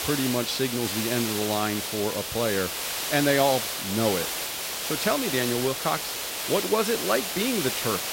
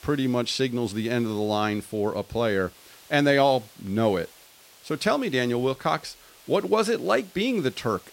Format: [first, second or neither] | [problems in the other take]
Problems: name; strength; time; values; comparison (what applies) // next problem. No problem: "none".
second | hiss; loud; throughout; 1 dB below the speech; faint in the second